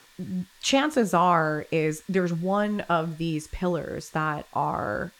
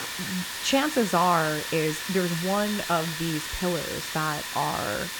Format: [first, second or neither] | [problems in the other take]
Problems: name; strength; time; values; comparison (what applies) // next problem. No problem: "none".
first | hiss; loud; throughout; 4 dB below the speech; faint in the first